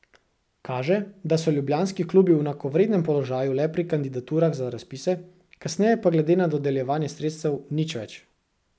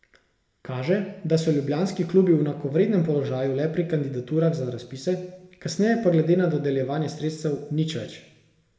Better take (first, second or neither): first